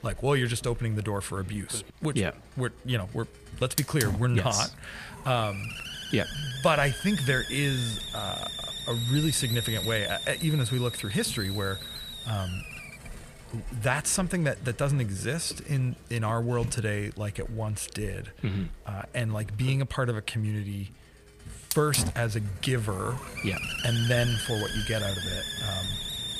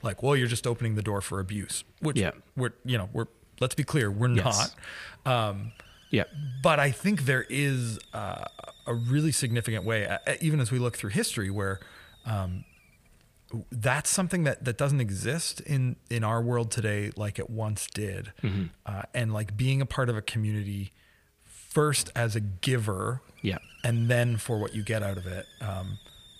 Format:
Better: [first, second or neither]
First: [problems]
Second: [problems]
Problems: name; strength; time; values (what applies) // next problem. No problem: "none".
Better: second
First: hiss; loud; throughout; 5 dB below the speech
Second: hiss; faint; throughout; 25 dB below the speech